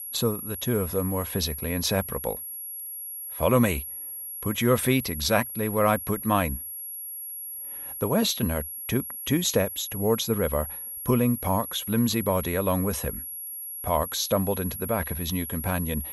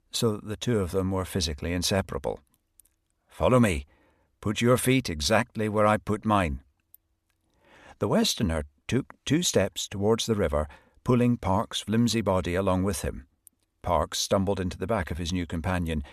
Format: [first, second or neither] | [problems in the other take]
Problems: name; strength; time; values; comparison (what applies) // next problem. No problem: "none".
second | high-pitched whine; loud; throughout; 11.5 kHz, 7 dB below the speech